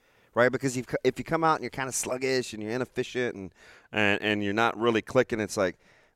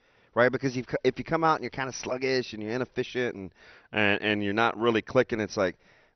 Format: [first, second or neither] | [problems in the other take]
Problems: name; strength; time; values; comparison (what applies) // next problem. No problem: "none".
first | garbled, watery; slightly; nothing above 6 kHz